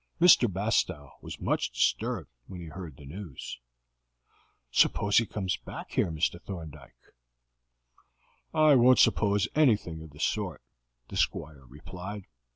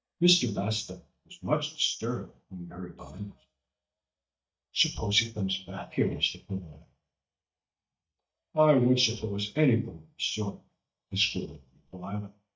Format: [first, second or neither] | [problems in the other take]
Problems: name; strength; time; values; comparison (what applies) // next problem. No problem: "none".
first | noise reduction (neural mask model DeepFilterNet 3)